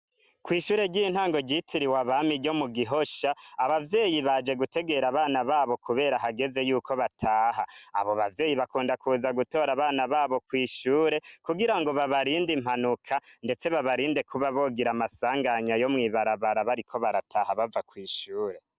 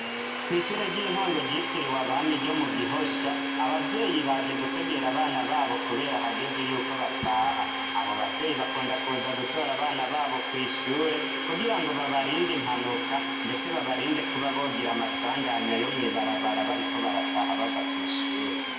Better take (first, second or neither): first